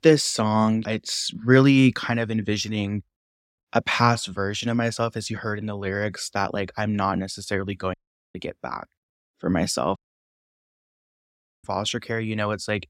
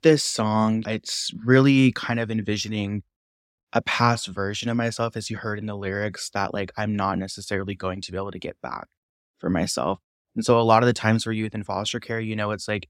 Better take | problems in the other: second | audio cutting out; at 8 s and at 10 s for 1.5 s

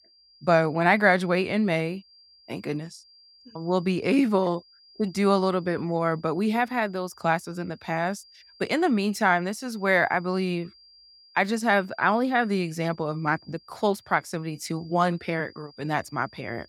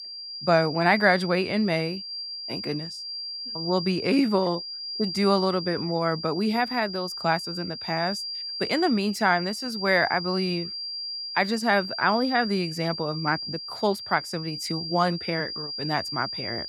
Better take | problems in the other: first | high-pitched whine; loud; throughout; 5 kHz, 7 dB below the speech; faint in the first

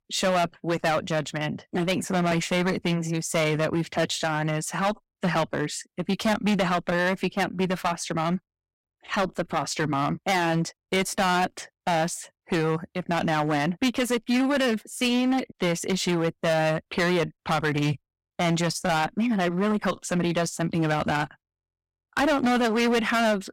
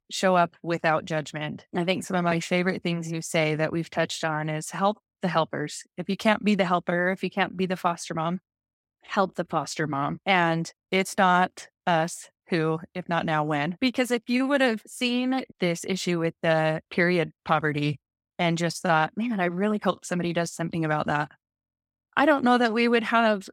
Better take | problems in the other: second | distortion; heavy; 12% of the sound clipped

